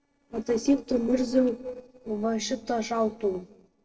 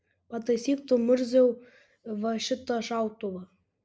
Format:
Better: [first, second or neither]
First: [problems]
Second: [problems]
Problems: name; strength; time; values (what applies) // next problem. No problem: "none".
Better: second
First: noise reduction (neural separator model SepFormer DNS4)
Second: none